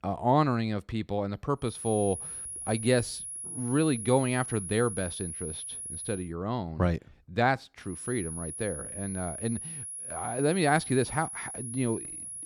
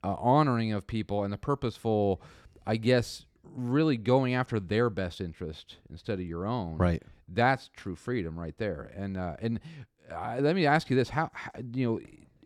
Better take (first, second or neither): second